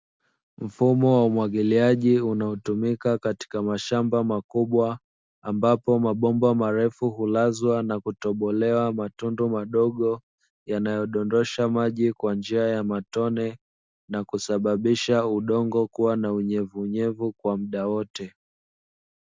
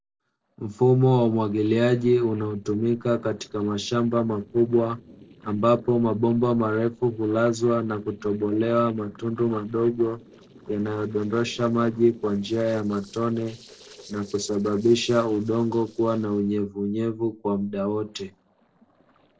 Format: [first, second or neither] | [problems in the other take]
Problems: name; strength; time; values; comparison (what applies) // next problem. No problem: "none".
first | noise reduction (neural separator model SepFormer DNS4)